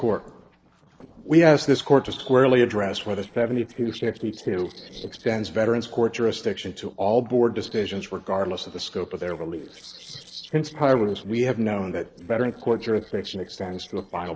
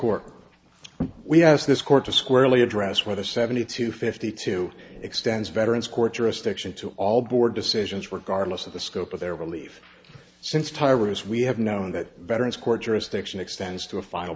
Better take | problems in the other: second | noise reduction (neural separator model SepFormer DNS4)

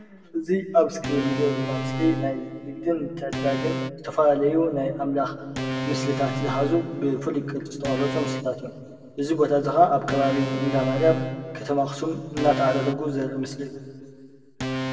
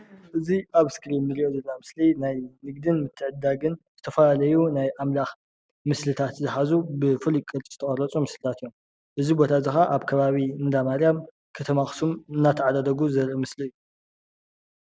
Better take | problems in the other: second | background sound (Organ); 7 dB below the speech // room echo; dies away in 1.8 s

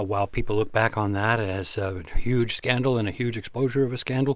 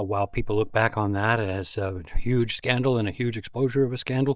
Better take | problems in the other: first | noise reduction (neural mask model DeepFilterNet 3)

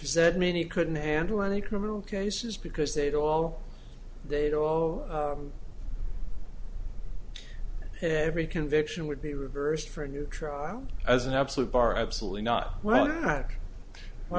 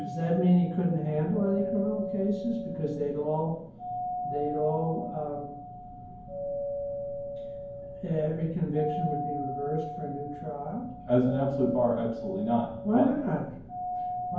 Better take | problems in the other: first | background sound (Doorbell); 7 dB below the speech // room echo; dies away in 0.9 s

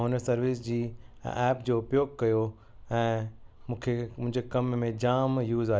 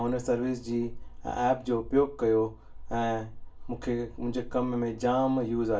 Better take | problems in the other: first | room echo; dies away in 0.2 s

